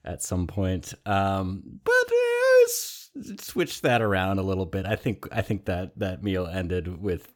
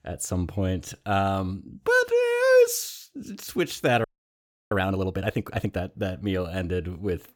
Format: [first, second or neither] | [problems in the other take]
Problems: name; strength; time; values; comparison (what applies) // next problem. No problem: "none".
first | audio freezing; at 4 s for 0.5 s